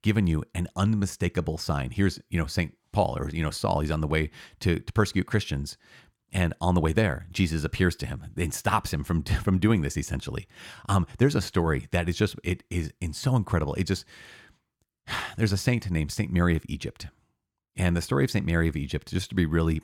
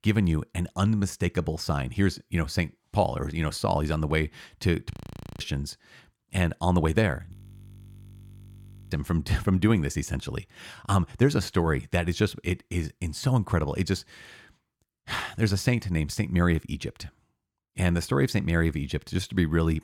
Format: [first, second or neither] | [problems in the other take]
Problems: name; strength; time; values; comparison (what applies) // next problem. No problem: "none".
first | audio freezing; at 5 s and at 7.5 s for 1.5 s